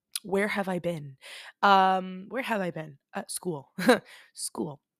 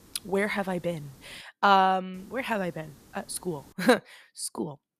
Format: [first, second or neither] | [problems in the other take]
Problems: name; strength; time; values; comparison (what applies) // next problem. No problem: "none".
first | hiss; faint; until 1.5 s and from 2 to 3.5 s; 25 dB below the speech